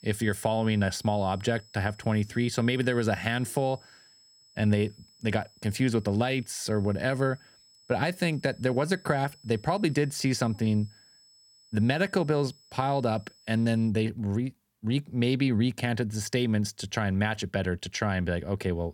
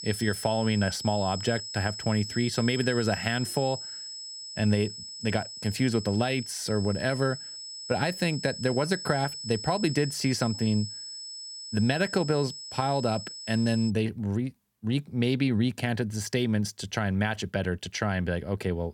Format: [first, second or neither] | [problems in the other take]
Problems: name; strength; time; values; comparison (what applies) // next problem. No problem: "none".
first | high-pitched whine; loud; until 14 s; 5 kHz, 8 dB below the speech; faint in the first